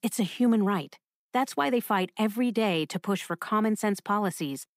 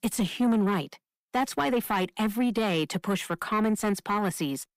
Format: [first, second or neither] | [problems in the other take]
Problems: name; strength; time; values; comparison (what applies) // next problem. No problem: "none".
first | distortion; slight; 10 dB below the speech